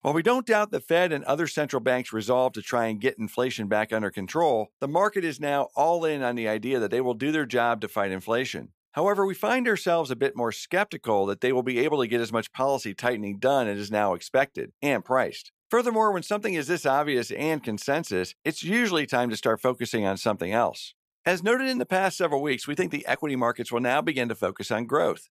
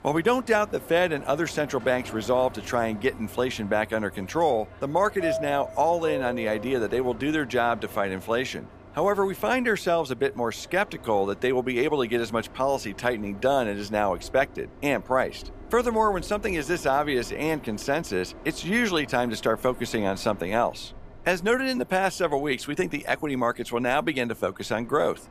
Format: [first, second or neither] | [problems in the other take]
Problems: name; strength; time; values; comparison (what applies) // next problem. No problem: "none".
first | train or aircraft noise; noticeable; throughout; 15 dB below the speech